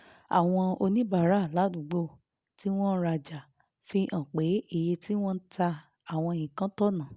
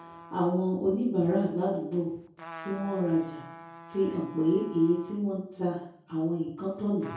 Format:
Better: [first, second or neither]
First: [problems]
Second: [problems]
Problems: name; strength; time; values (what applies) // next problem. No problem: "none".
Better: first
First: none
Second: background sound (Trumpet); 19 dB below the speech // room echo; dies away in 0.6 s